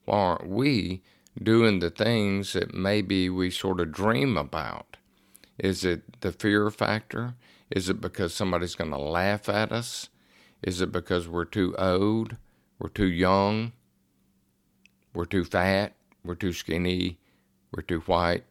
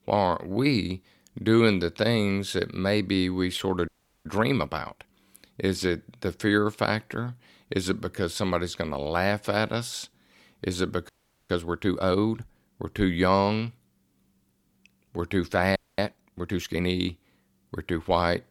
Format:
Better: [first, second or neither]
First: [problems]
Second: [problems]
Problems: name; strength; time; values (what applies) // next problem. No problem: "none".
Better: first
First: none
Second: audio freezing; at 4 s, at 11 s and at 16 s